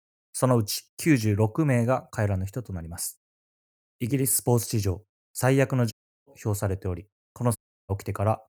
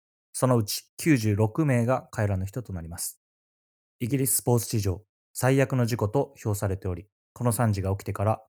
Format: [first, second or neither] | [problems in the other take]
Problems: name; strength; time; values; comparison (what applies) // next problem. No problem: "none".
second | audio cutting out; at 6 s and at 7.5 s